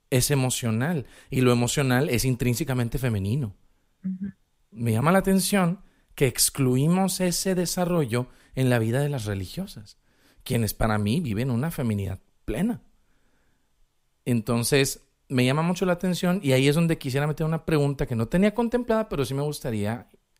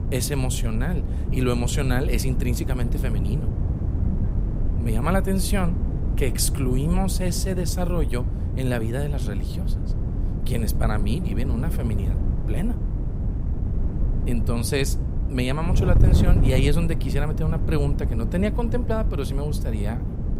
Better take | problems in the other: first | wind noise on the microphone; heavy; 8 dB below the speech

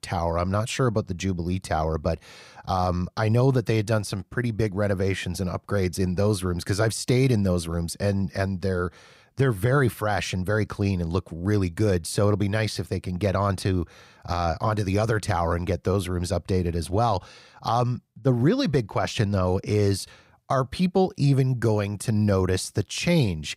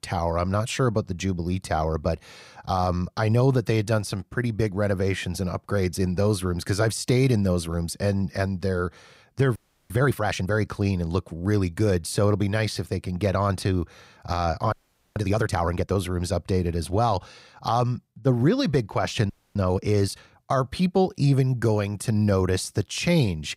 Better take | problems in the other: first | audio freezing; at 9.5 s, at 15 s and at 19 s

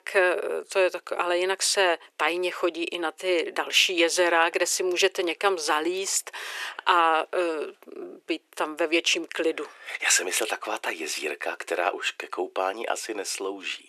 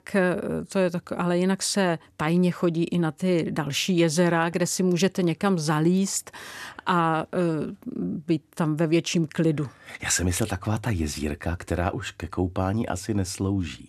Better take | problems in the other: second | thin; very; fading below 400 Hz

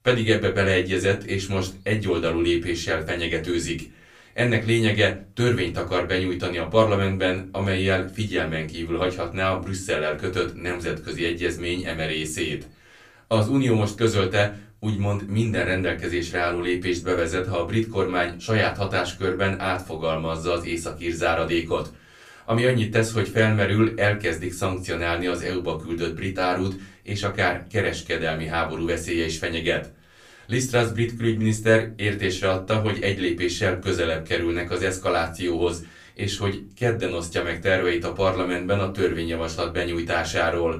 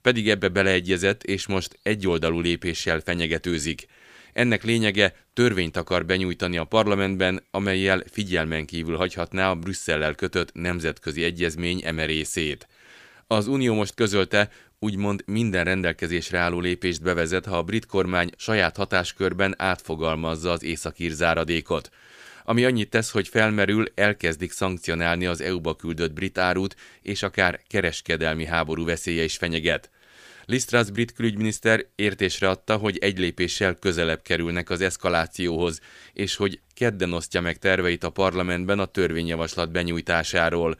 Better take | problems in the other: second | off-mic speech; far // room echo; very slight; dies away in 0.3 s

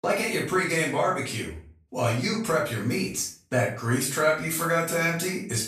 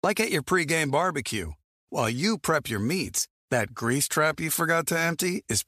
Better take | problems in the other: second | off-mic speech; far // room echo; noticeable; dies away in 0.4 s

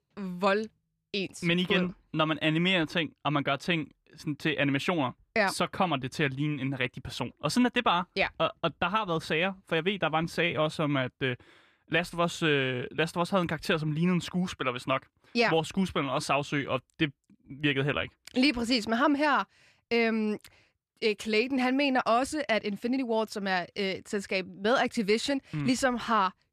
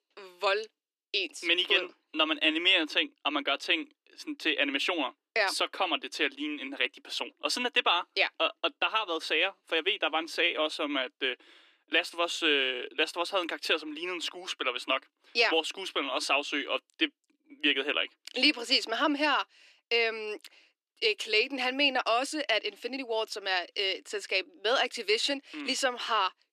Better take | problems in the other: first | thin; somewhat; fading below 300 Hz

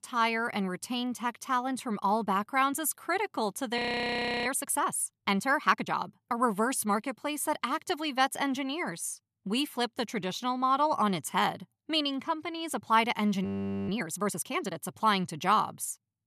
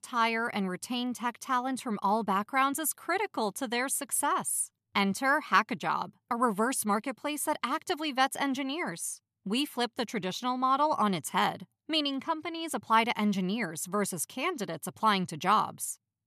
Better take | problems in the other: second | audio freezing; at 4 s for 0.5 s and at 13 s

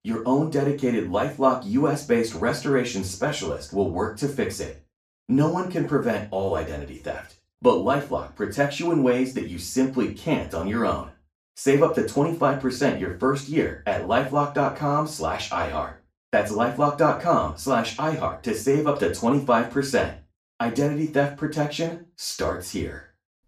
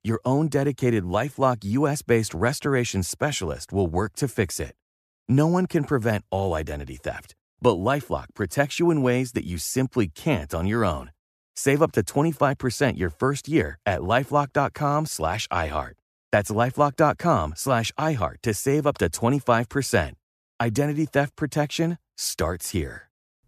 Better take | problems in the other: second | room echo; slight; dies away in 0.3 s // off-mic speech; far

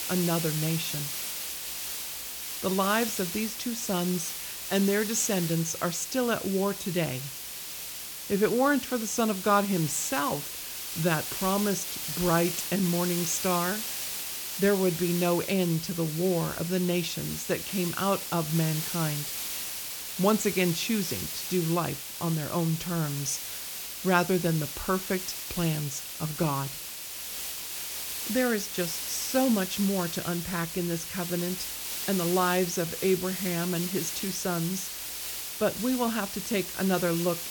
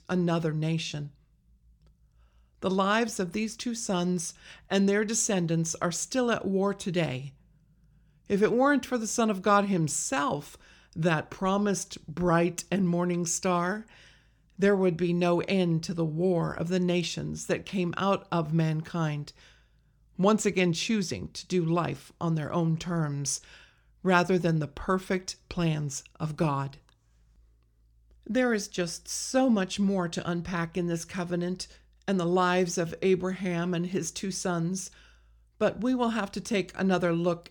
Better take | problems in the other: second | hiss; loud; throughout; 4 dB below the speech

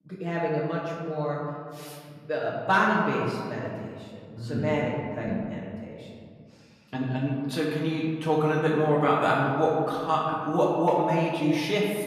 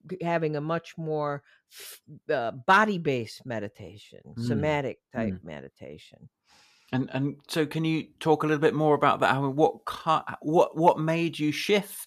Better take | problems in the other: second | room echo; noticeable; dies away in 1.9 s // off-mic speech; far

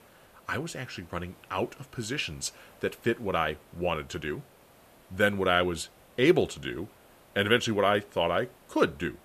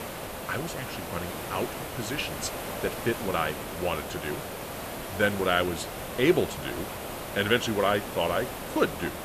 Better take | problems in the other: first | hiss; loud; throughout; 6 dB below the speech; faint in the first

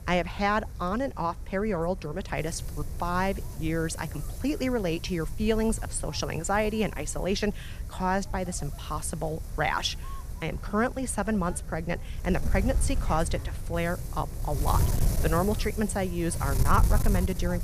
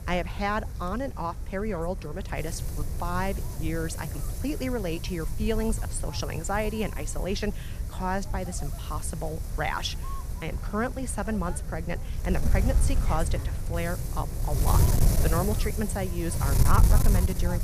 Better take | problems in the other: first | wind noise on the microphone; heavy; 8 dB below the speech; occasional gusts in the first

